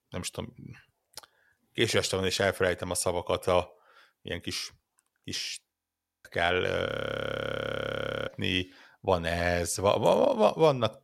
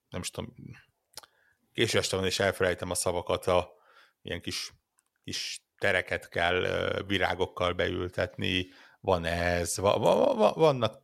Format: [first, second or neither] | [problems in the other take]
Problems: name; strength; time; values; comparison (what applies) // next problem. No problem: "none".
second | audio freezing; at 5.5 s for 0.5 s and at 7 s for 1.5 s